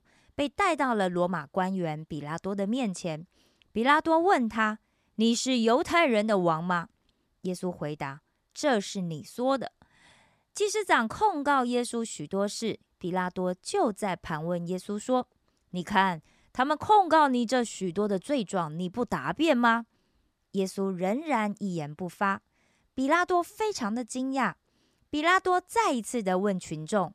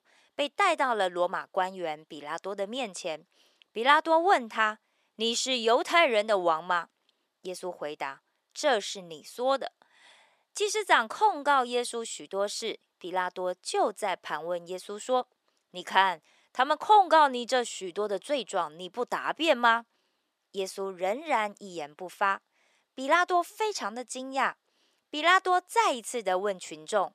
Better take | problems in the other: first | thin; somewhat; fading below 500 Hz

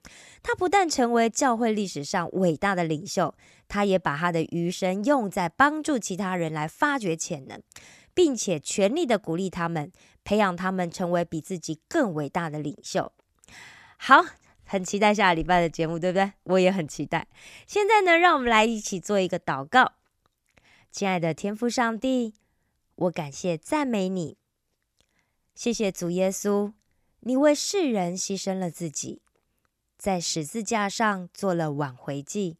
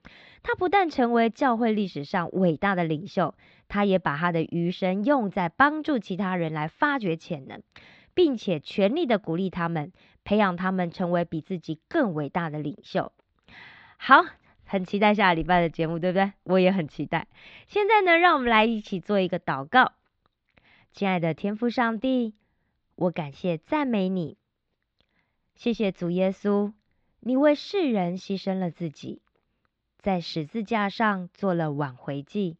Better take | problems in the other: first | muffled; slightly; fading above 4 kHz

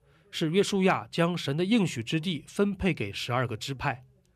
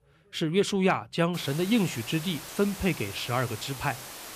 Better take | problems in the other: first | hiss; noticeable; from 1.5 s on; 10 dB below the speech

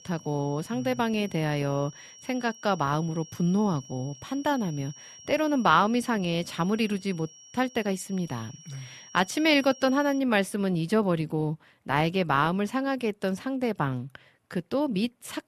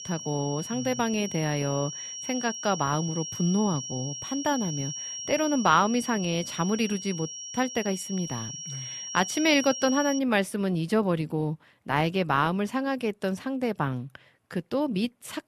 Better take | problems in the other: first | high-pitched whine; loud; until 10 s; 5.5 kHz, 7 dB below the speech; faint in the first

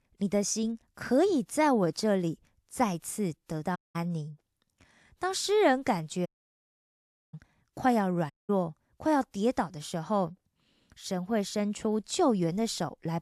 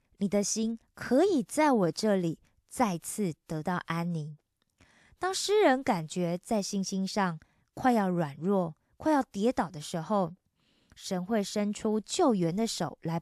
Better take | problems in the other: second | audio cutting out; at 4 s, at 6.5 s for 1 s and at 8.5 s

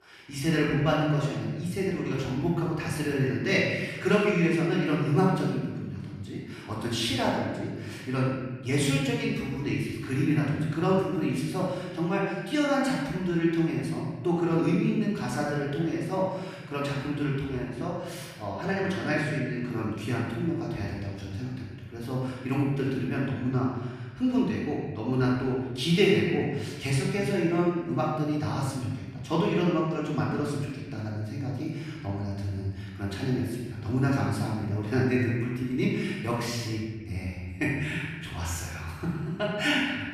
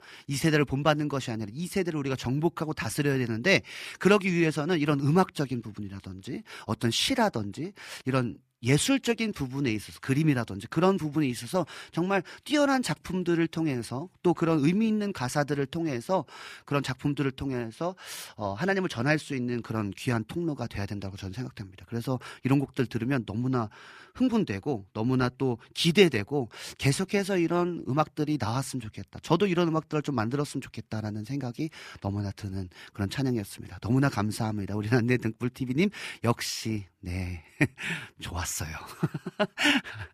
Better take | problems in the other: second | room echo; noticeable; dies away in 1.4 s // off-mic speech; far

